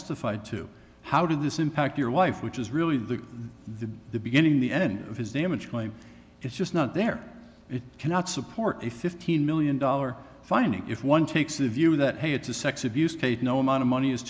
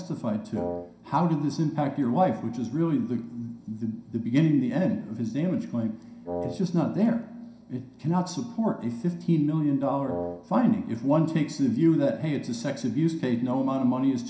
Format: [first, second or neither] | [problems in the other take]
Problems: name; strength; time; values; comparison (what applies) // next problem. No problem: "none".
first | background sound (Wind instrument, woodwind instrument); 8 dB below the speech // room echo; dies away in 0.5 s